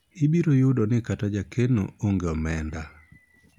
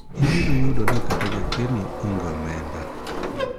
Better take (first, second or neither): first